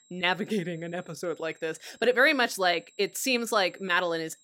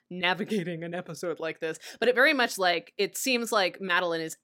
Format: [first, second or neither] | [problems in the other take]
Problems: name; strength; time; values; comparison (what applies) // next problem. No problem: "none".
second | high-pitched whine; faint; throughout; 7.5 kHz, 30 dB below the speech